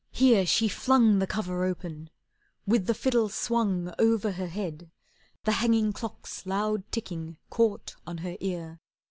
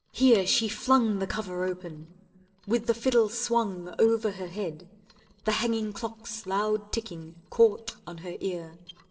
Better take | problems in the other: first | noise reduction (neural separator model SepFormer DNS4)

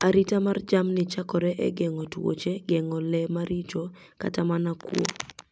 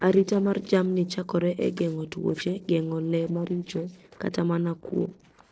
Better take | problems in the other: first | noise reduction (neural separator model SepFormer DNS4)

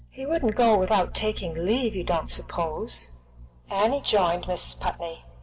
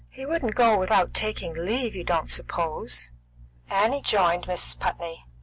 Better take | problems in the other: second | room echo; dies away in 2.1 s

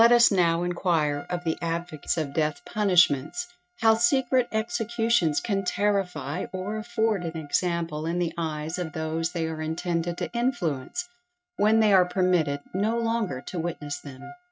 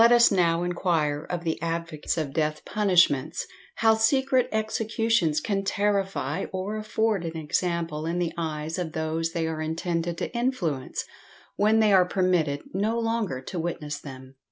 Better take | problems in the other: second | noise reduction (neural mask model RNNoise)

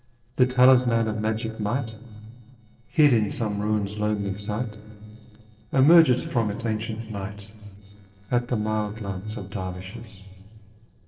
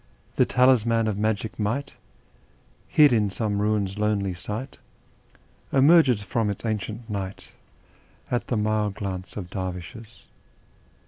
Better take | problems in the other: second | noise reduction (neural separator model SepFormer DNS4)

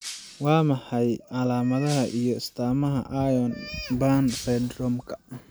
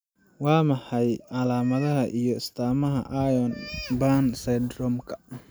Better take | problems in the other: second | background sound (Shatter); 18 dB below the speech

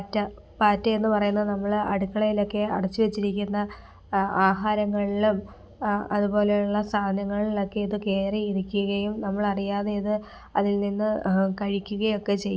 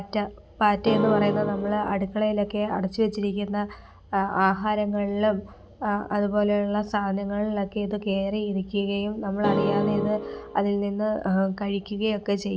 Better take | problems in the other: first | background sound (Keyboard (musical)); 1 dB below the speech

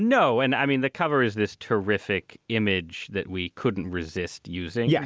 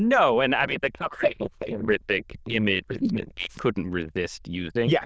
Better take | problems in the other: first | noise reduction (neural diffusion model UNIVERSE++)

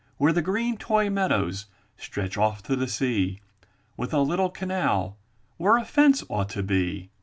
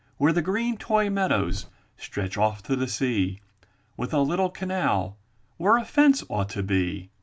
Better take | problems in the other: first | background sound (Bird); 12 dB below the speech

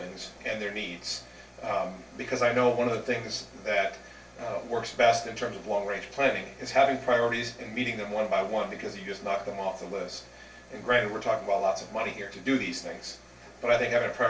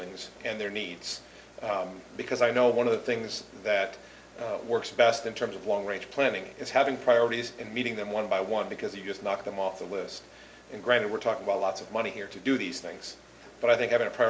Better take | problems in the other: second | room echo; dies away in 0.2 s

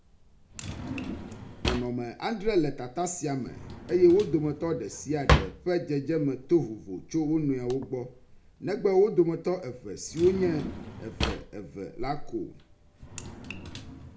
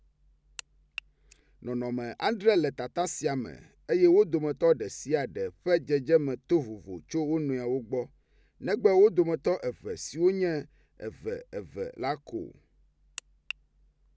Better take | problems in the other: second | background sound (Drawer open or close); 7 dB below the speech // room echo; dies away in 0.3 s

